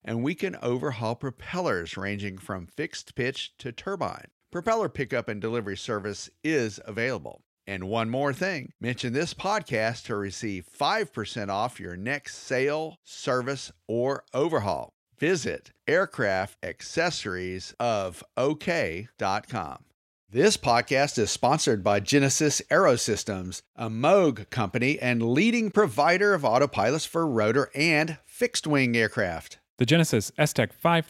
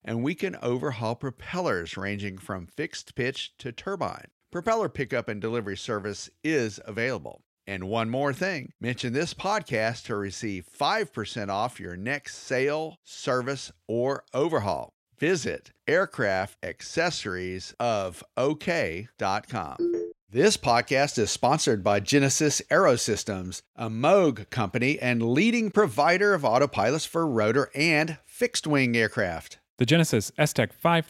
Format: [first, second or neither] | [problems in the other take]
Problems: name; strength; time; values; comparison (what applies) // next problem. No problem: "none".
first | phone ringing; noticeable; at 20 s; peak 2 dB below the speech